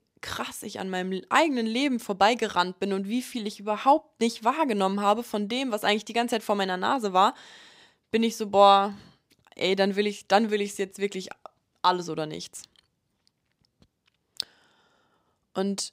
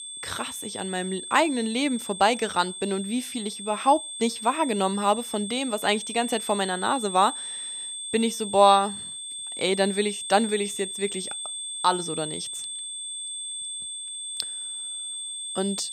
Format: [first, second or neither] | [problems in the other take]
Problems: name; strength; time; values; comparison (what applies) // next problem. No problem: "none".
first | high-pitched whine; loud; throughout; 8.5 kHz, 7 dB below the speech